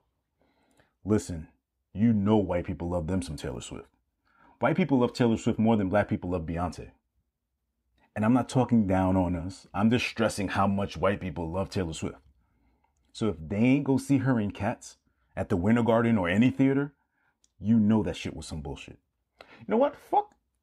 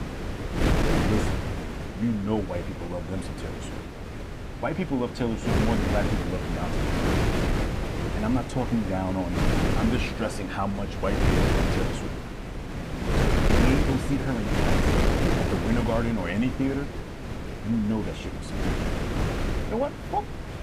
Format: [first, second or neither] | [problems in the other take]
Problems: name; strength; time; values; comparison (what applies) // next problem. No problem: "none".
first | wind noise on the microphone; heavy; 1 dB above the speech